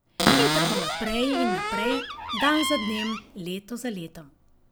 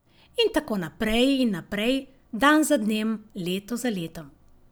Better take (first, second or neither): second